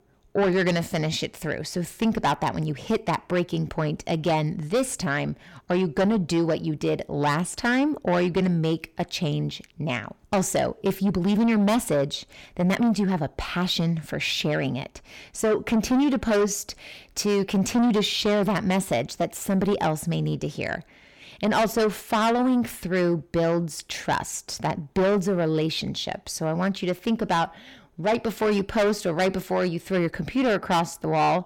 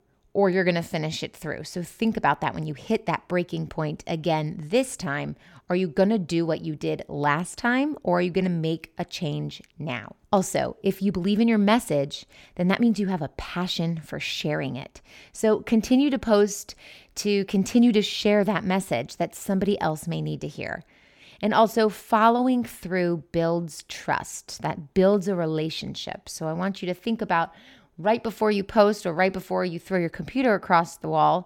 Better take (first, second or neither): second